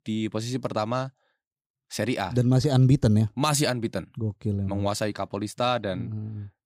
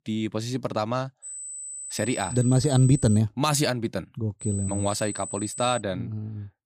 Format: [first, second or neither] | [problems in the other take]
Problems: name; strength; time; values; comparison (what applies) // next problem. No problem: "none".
first | high-pitched whine; loud; from 1 to 3 s and from 4.5 to 6 s; 8 kHz, 9 dB below the speech